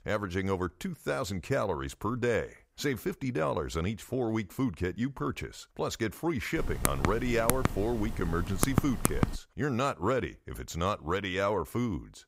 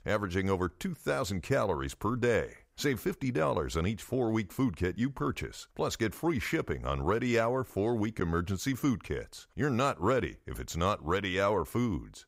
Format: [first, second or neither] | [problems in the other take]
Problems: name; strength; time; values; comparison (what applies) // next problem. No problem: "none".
second | keyboard typing; loud; from 6.5 to 9.5 s; peak 2 dB above the speech